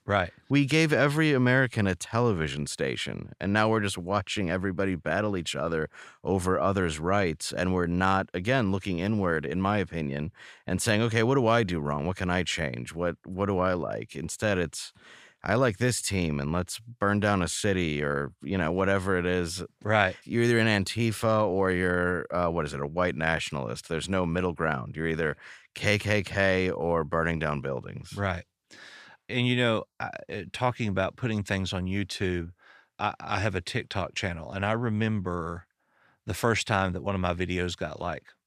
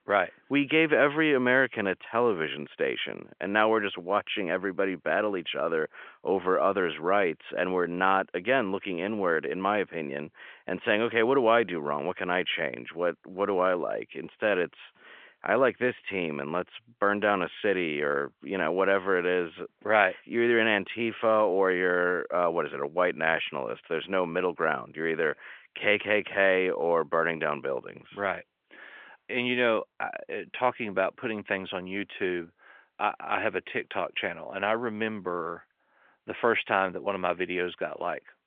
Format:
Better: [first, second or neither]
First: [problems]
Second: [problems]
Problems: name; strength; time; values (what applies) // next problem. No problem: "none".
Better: first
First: none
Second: phone-call audio; nothing above 3.5 kHz